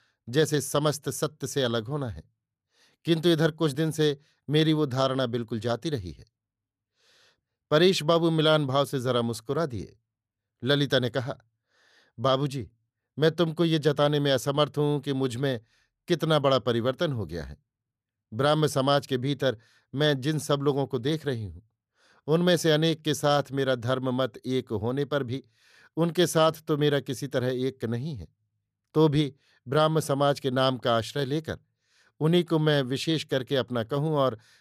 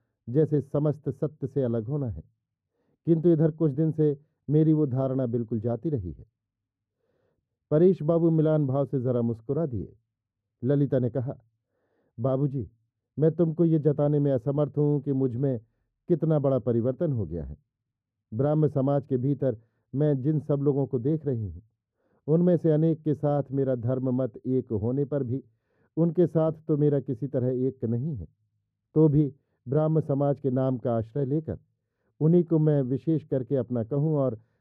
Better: first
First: none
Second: muffled; very; fading above 1.5 kHz

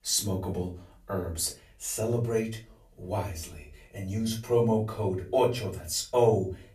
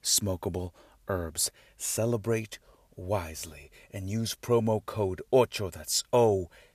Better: second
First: off-mic speech; far // room echo; very slight; dies away in 0.3 s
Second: none

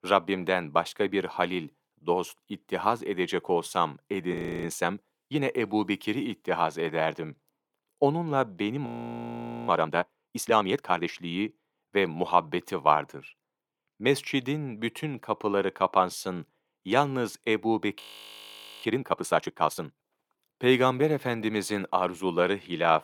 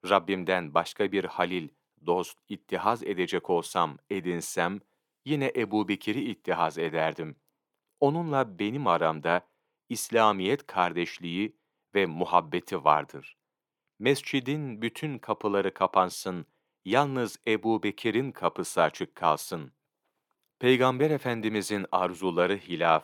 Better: second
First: audio freezing; at 4.5 s, at 9 s for 1 s and at 18 s for 1 s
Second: none

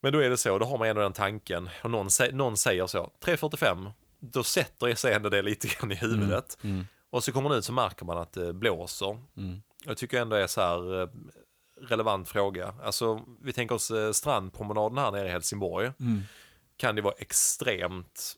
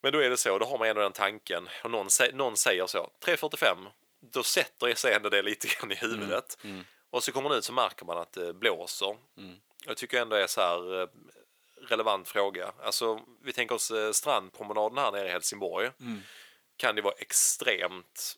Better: first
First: none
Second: thin; somewhat; fading below 350 Hz

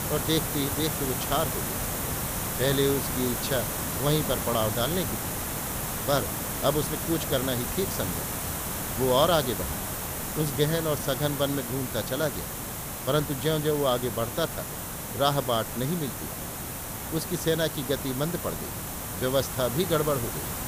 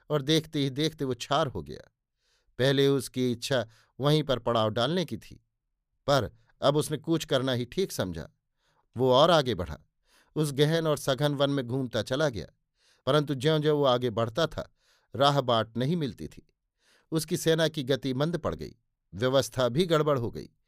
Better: second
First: hiss; loud; throughout; 3 dB below the speech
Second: none

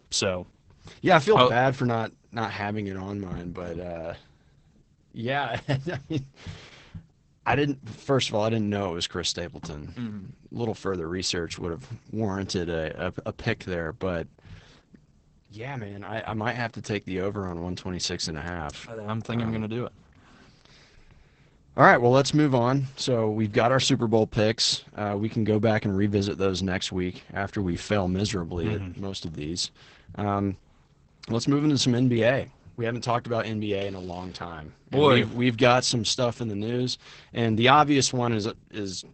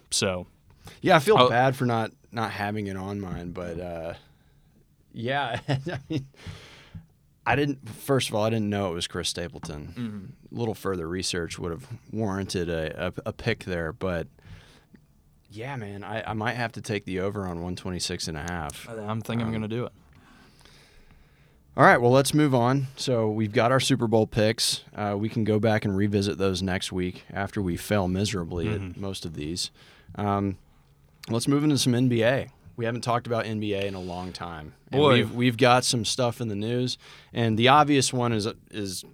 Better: second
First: garbled, watery; badly; nothing above 8 kHz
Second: none

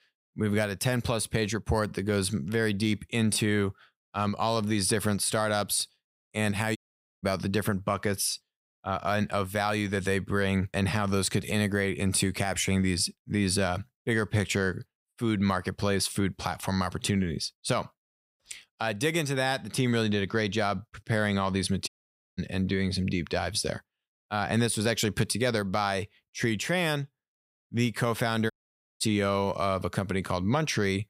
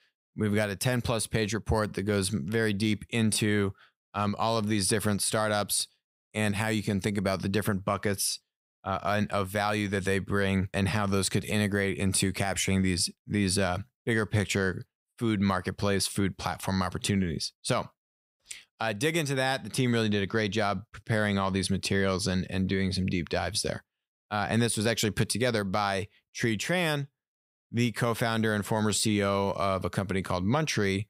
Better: second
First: audio cutting out; at 7 s, at 22 s and at 29 s for 0.5 s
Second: none

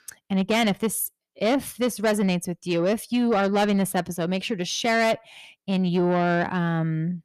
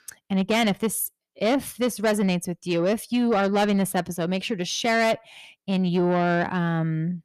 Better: neither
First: distortion; slight; 10 dB below the speech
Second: distortion; slight; 10 dB below the speech

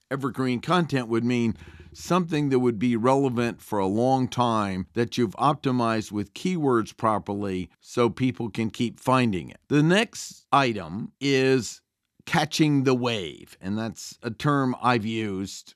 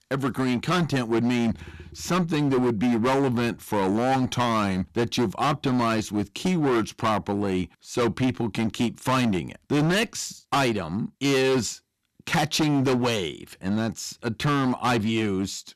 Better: first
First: none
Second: distortion; heavy; 17% of the sound clipped

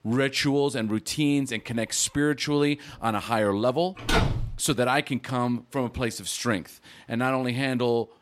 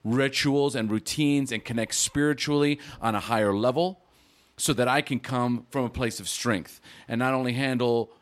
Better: second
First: door banging; loud; at 4 s; peak 2 dB above the speech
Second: none

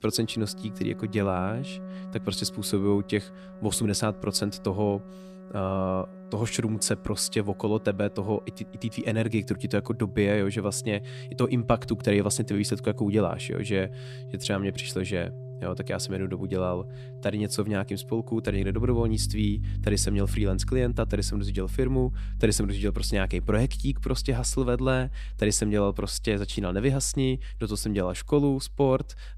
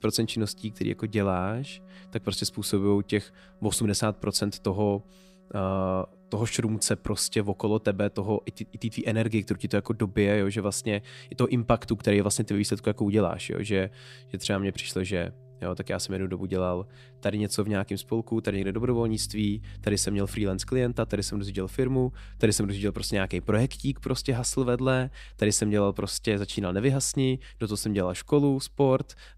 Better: second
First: background music; loud; throughout; 9 dB below the speech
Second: background music; faint; throughout; 20 dB below the speech

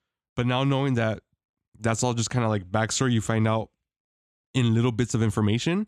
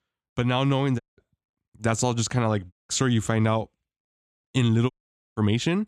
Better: first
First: none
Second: audio cutting out; at 1 s, at 2.5 s and at 5 s

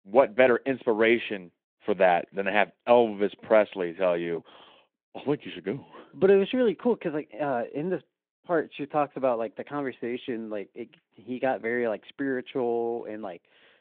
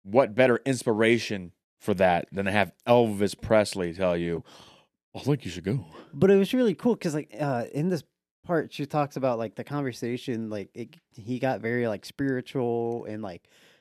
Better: second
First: phone-call audio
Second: none

